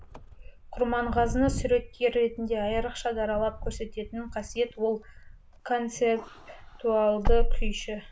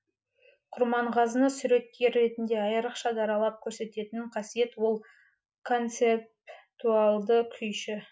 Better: second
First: background sound (Wind / Car); 3 dB below the speech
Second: none

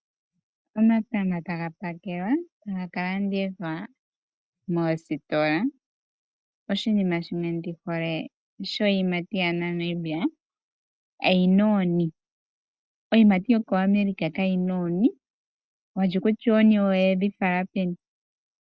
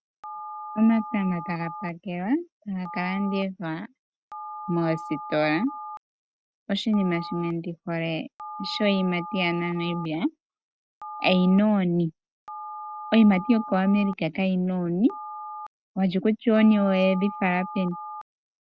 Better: first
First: none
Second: background sound (Telephone); 14 dB below the speech

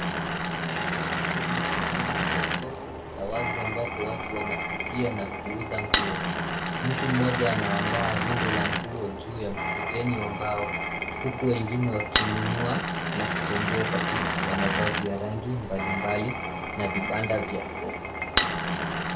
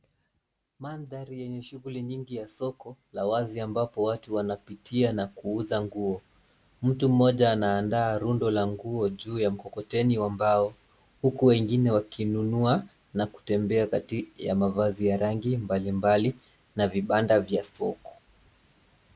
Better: second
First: background sound (Glass); 3 dB above the speech // room echo; dies away in 0.3 s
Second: none

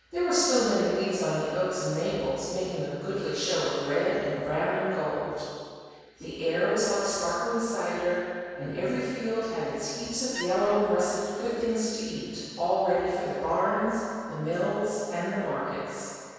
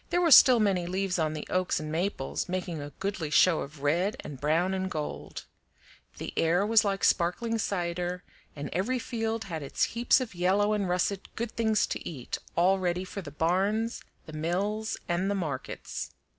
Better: second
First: background sound (Wood); 12 dB below the speech // room echo; dies away in 2.2 s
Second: none

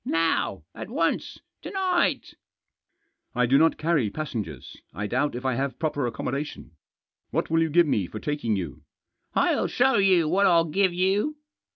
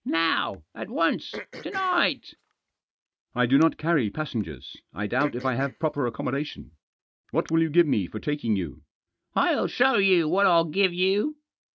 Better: first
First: none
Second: noise reduction (neural mask model RNNoise)

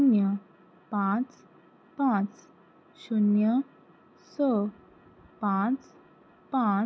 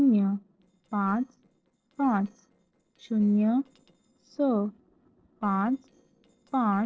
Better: first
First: none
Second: noise reduction (neural separator model SepFormer DNS4)

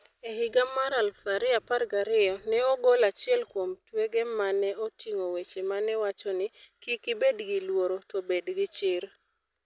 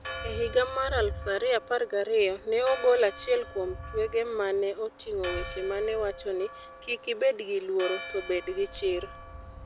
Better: first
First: none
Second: background sound (Thunder + Church bell); 12 dB below the speech

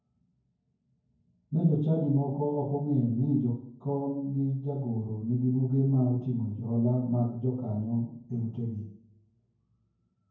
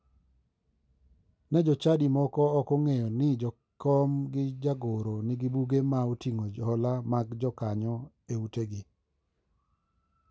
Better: second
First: room echo; dies away in 0.9 s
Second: none

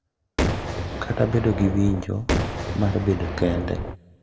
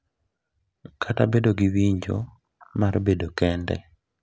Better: second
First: background sound (Boom); 3 dB below the speech // room echo; dies away in 0.7 s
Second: none

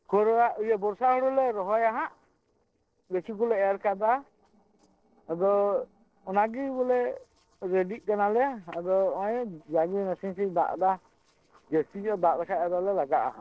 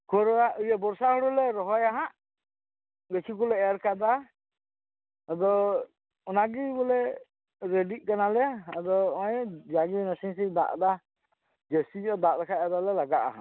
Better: second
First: noise reduction (neural separator model SepFormer DNS4)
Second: none

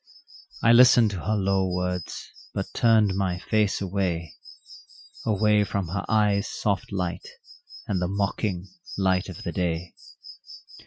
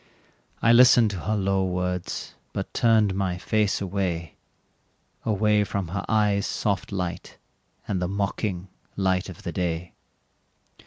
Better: second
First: noise reduction (classical method Wiener filter)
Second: none

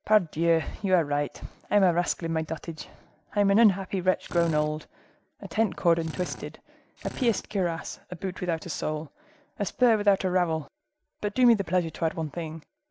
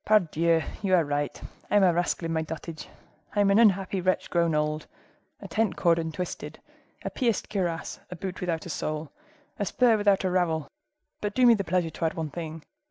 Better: second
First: background sound (Drill); 15 dB below the speech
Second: none

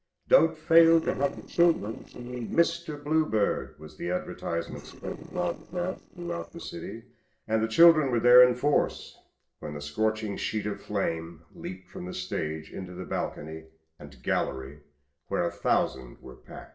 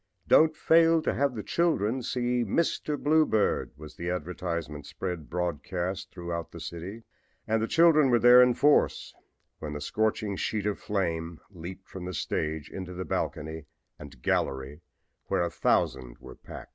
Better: second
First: noise reduction (neural separator model SepFormer DNS4)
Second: none

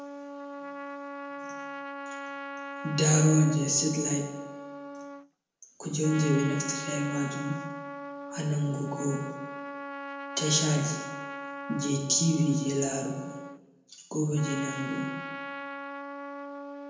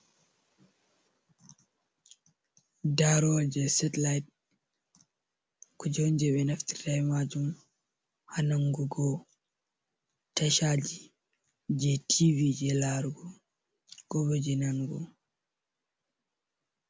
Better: second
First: background sound (Trumpet); 9 dB below the speech // room echo; dies away in 0.8 s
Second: none

